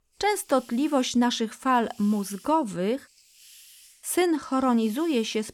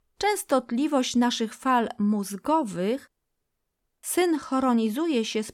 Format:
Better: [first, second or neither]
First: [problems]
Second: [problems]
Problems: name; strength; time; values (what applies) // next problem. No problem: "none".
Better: second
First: hiss; faint; throughout; 25 dB below the speech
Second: none